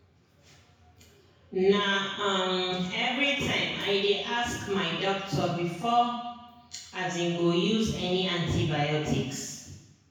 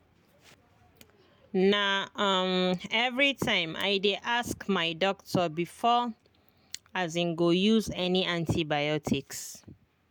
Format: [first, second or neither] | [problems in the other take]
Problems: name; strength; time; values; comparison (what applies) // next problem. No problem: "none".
second | room echo; dies away in 1 s